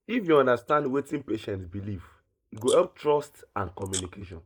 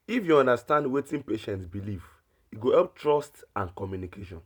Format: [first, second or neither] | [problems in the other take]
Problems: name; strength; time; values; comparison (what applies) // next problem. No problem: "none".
second | noise reduction (neural mask model Resemble Enhance denoiser)